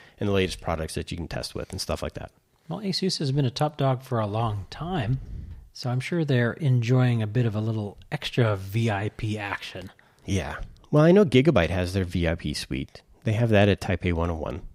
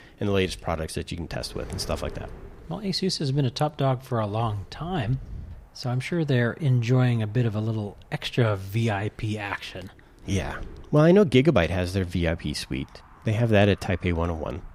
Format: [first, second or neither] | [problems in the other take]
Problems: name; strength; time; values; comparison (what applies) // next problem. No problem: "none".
first | wind noise on the microphone; occasional gusts; 25 dB below the speech